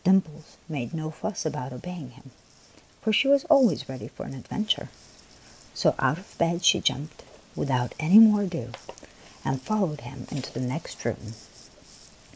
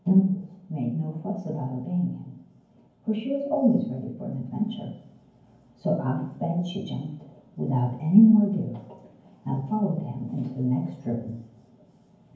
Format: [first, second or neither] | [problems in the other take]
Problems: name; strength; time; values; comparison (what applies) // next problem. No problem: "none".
first | room echo; dies away in 0.9 s